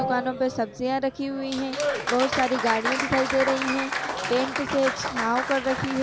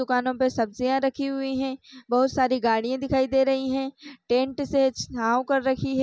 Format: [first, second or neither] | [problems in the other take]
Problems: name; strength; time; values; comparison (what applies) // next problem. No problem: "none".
second | background sound (Applause); 3 dB below the speech